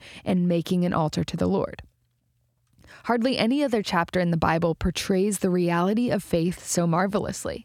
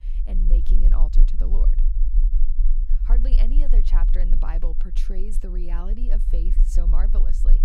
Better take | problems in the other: first | low rumble; loud; throughout; 7 dB below the speech

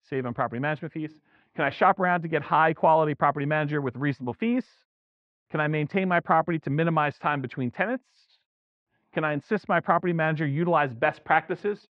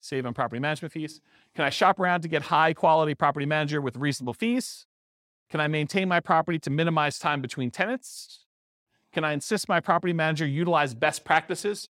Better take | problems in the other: second | muffled; very; fading above 2.5 kHz

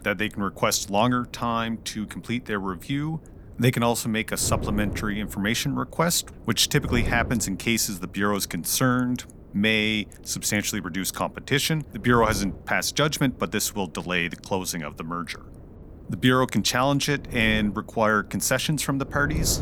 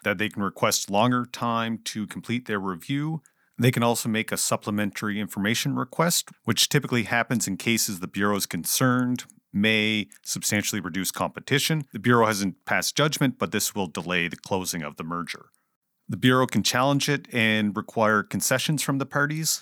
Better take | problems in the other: second | wind noise on the microphone; occasional gusts; 20 dB below the speech

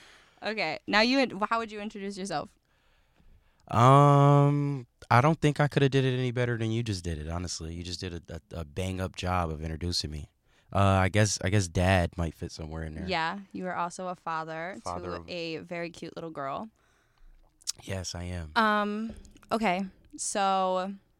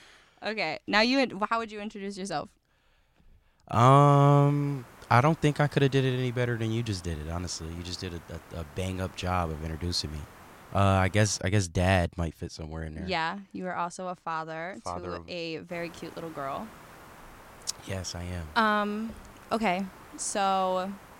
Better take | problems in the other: first | hiss; faint; from 4 to 11 s and from 16 s on; 20 dB below the speech

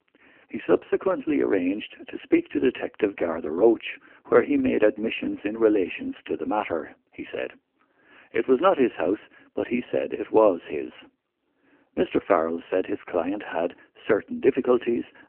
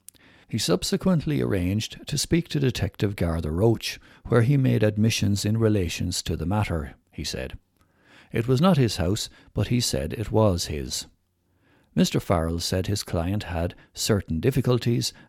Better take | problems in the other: second | phone-call audio; poor line

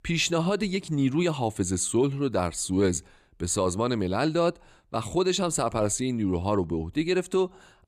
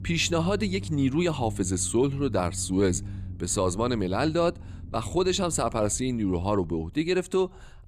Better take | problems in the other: first | low rumble; faint; throughout; 25 dB below the speech

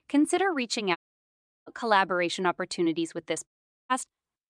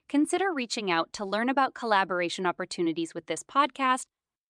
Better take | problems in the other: second | audio cutting out; at 1 s for 0.5 s and at 3.5 s

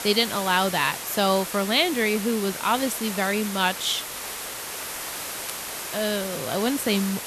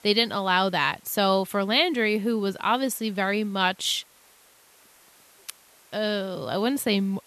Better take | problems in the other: second | hiss; loud; throughout; 7 dB below the speech; faint in the second

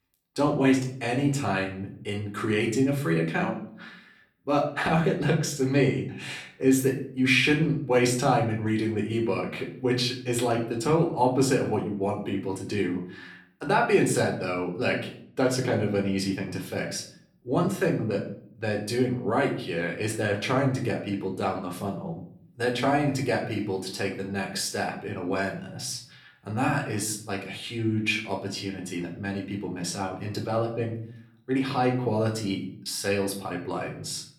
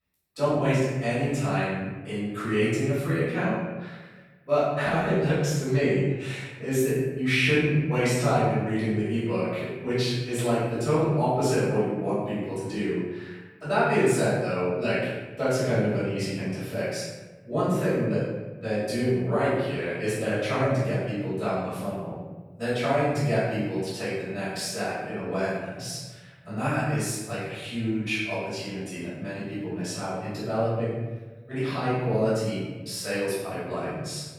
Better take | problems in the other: first | room echo; strong; dies away in 1.1 s; slight in the first // off-mic speech; far; somewhat distant in the first

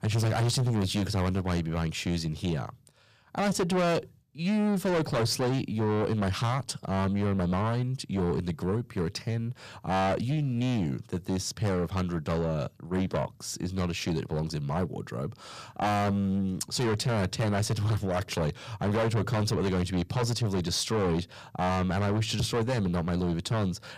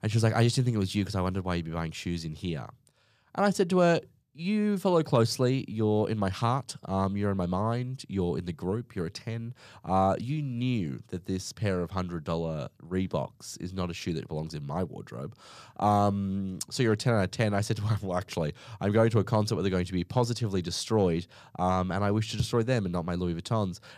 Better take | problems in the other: second | distortion; heavy; 6 dB below the speech

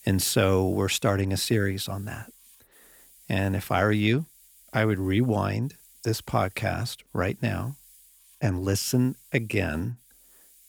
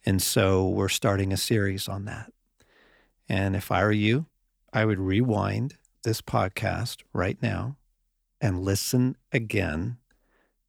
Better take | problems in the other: second | hiss; faint; throughout; 25 dB below the speech

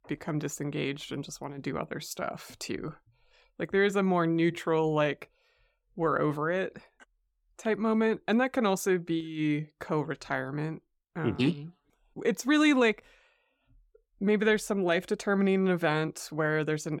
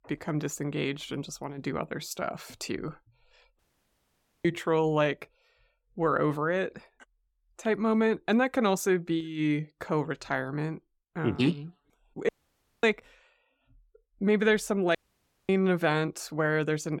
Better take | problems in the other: first | audio cutting out; at 3.5 s for 1 s, at 12 s for 0.5 s and at 15 s for 0.5 s

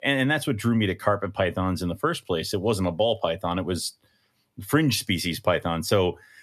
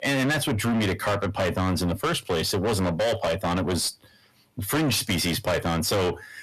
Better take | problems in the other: first | distortion; heavy; 6 dB below the speech

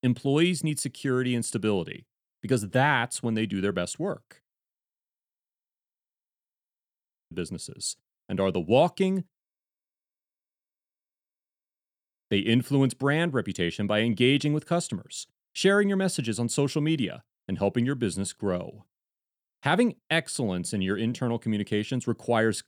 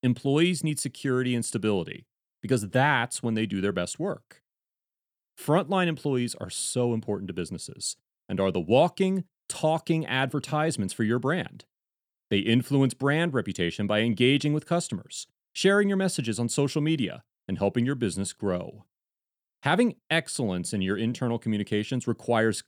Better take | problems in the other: second | audio freezing; at 4.5 s for 2.5 s and at 9.5 s for 3 s

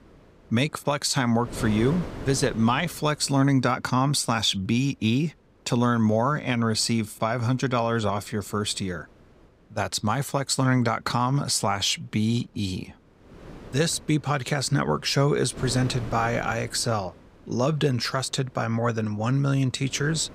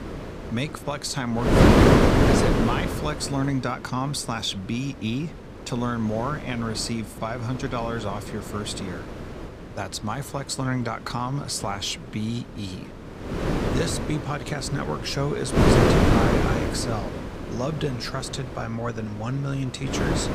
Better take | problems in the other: first | wind noise on the microphone; heavy; 4 dB above the speech; occasional gusts in the first

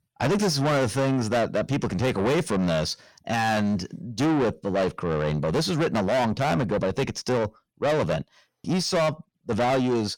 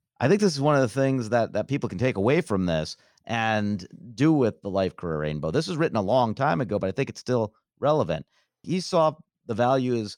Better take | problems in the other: second | distortion; heavy; 6 dB below the speech

